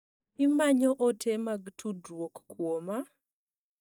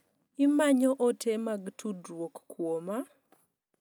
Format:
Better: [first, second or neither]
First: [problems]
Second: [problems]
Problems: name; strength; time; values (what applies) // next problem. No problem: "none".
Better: second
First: noise reduction (neural mask model DeepFilterNet 3)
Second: none